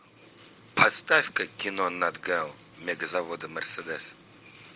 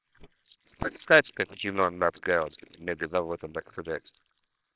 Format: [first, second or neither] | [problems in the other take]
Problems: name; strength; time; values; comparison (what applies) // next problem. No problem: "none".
first | noise reduction (neural separator model SepFormer WHAMR!)